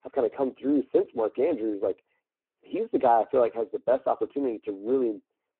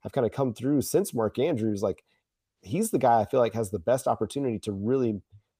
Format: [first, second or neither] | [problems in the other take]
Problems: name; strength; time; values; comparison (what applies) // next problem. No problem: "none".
second | phone-call audio; poor line; nothing above 3.5 kHz